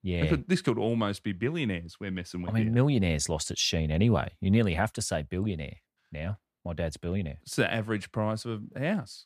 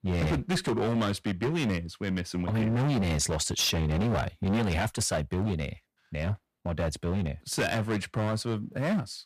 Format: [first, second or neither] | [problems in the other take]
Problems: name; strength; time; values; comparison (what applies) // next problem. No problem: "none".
first | distortion; heavy; 18% of the sound clipped